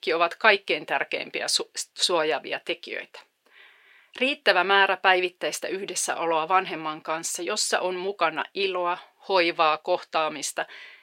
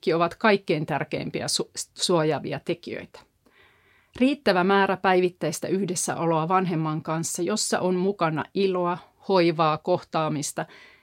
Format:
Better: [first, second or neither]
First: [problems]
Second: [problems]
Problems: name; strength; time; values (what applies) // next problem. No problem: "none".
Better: second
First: thin; very; fading below 550 Hz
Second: none